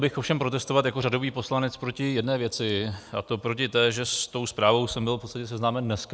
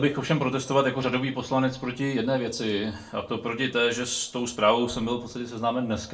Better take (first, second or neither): first